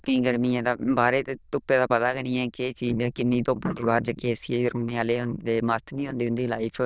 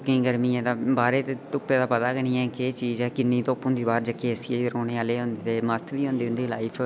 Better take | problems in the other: second | noise reduction (neural diffusion model UNIVERSE++)

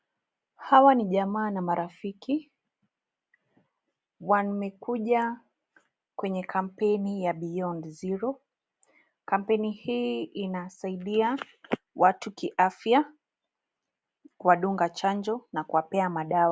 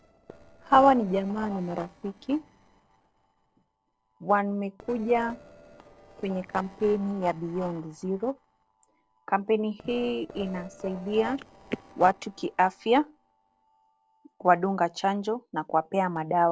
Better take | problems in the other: first | noise reduction (neural separator model SepFormer DNS4)

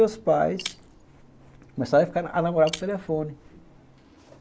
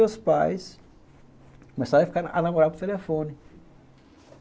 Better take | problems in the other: second | background sound (Shatter); 18 dB below the speech

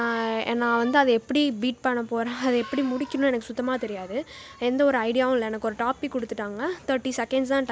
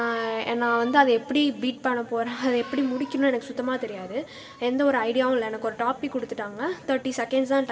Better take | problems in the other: first | room echo; dies away in 1.9 s

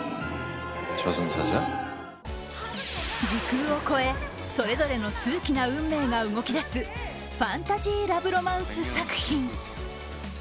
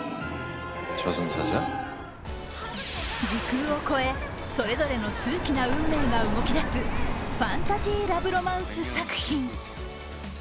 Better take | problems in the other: first | background sound (Car passing by); 3 dB below the speech

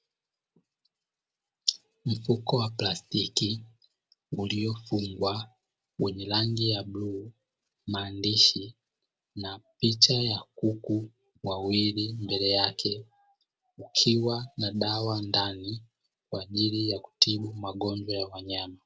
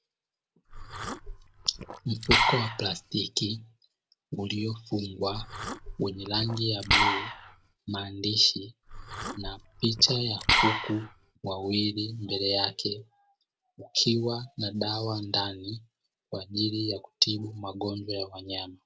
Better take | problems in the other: first | background sound (Liquid); 1 dB above the speech

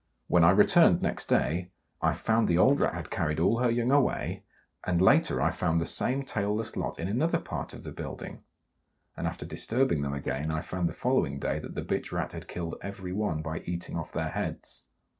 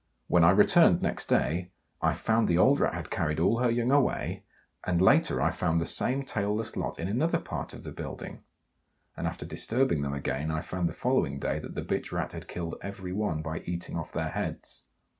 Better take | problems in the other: second | noise reduction (neural separator model SepFormer DNS4)

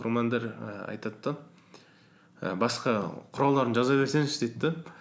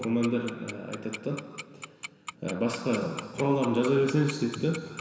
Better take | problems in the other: first | background sound (Tick-tock); 15 dB below the speech // room echo; dies away in 2.2 s

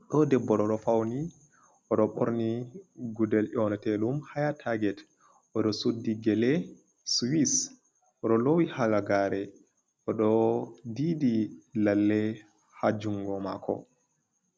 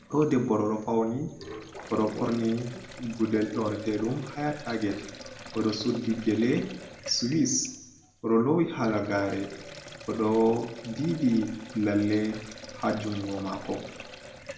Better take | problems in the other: first | background sound (Sink (filling or washing)); 16 dB below the speech // room echo; dies away in 0.7 s

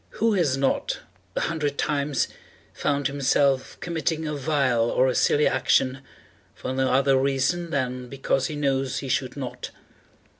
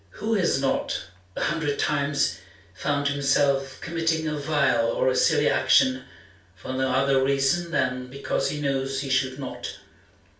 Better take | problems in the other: first | room echo; dies away in 0.3 s

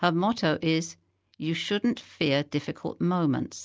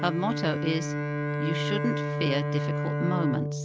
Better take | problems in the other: first | background sound (Bowed string instrument); 1 dB above the speech

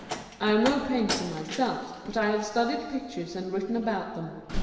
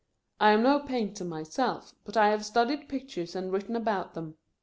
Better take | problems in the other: second | background sound (Slam); 9 dB below the speech // room echo; dies away in 2.1 s

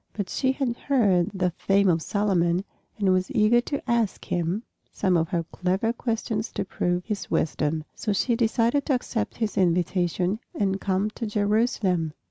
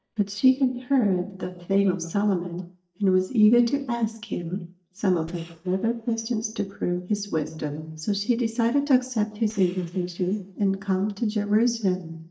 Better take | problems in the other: first | noise reduction (neural mask model DeepFilterNet 3)

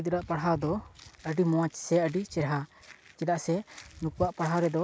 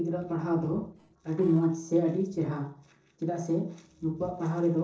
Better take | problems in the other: first | noise reduction (neural separator model SepFormer DNS4)

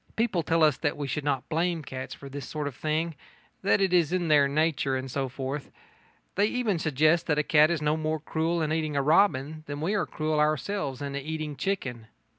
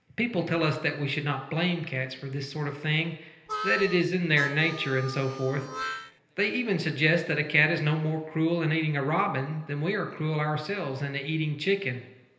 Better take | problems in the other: first | background sound (Harmonica); 9 dB below the speech // room echo; dies away in 1.4 s

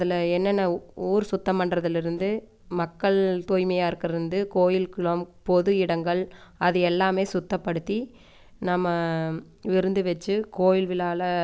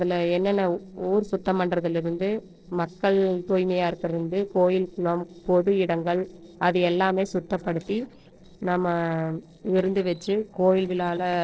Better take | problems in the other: first | noise reduction (neural separator model SepFormer DNS4)

